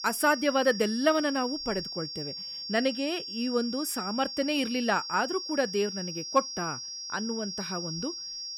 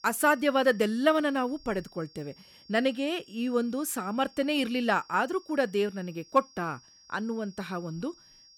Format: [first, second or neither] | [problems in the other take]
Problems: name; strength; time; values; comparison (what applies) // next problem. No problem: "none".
second | high-pitched whine; loud; throughout; 5.5 kHz, 6 dB below the speech; faint in the second